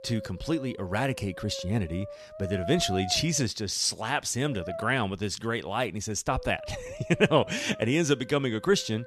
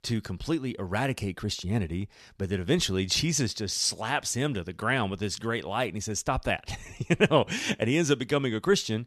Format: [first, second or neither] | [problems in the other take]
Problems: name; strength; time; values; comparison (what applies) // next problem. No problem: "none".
second | background music; noticeable; throughout; 15 dB below the speech